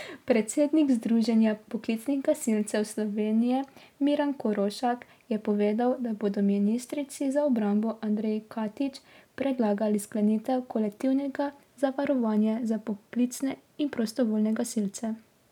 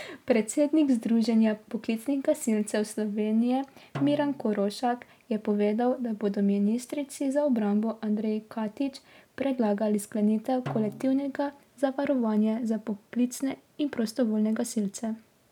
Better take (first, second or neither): first